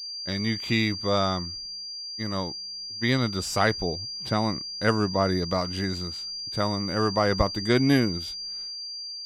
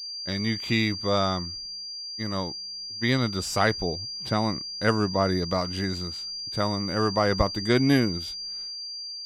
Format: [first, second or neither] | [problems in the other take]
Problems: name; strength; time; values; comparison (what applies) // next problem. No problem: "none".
neither | high-pitched whine; loud; throughout; 4.5 kHz, 6 dB below the speech; the same in both